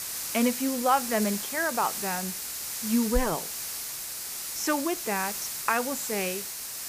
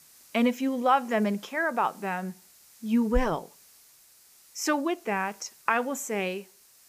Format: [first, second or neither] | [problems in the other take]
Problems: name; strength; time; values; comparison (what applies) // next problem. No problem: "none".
second | hiss; loud; throughout; 3 dB below the speech; faint in the second